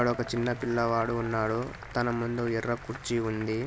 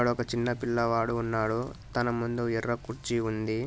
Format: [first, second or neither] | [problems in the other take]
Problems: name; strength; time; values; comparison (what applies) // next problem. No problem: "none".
second | background sound (Applause / Crowd / Cheering); 15 dB below the speech